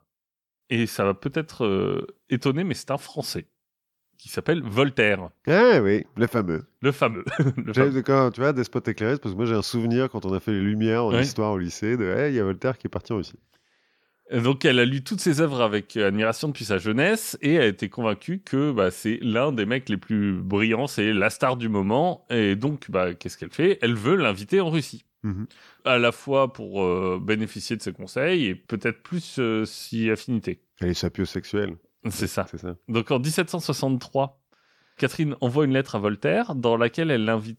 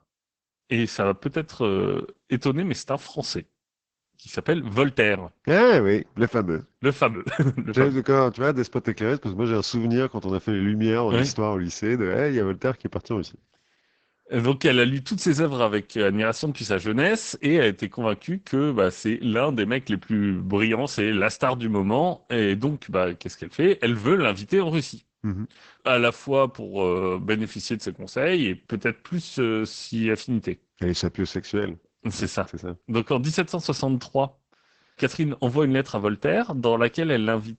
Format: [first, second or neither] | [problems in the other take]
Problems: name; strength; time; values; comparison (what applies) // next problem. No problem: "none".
first | garbled, watery; badly; nothing above 8 kHz